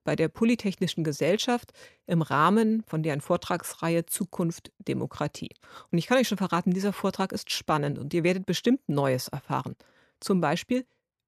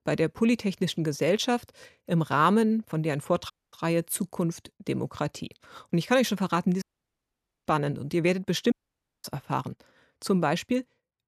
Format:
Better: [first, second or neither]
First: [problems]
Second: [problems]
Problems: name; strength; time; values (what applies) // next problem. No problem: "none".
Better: first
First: none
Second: audio cutting out; at 3.5 s, at 7 s for 1 s and at 8.5 s for 0.5 s